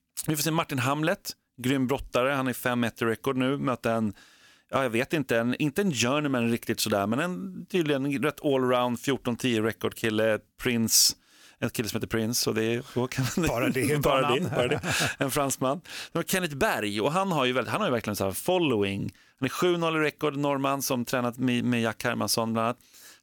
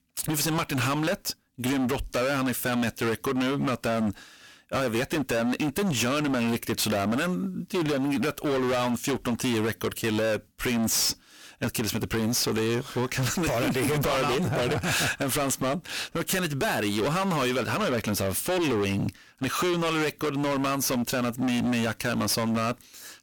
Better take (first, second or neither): first